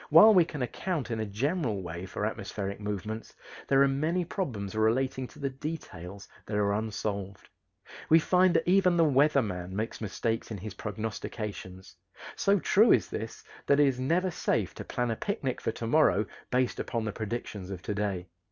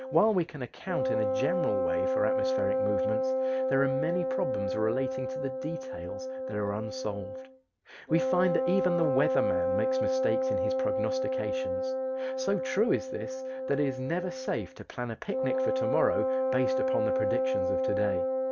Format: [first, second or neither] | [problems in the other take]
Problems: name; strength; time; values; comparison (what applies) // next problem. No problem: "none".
first | background sound (Wind instrument, woodwind instrument); 3 dB above the speech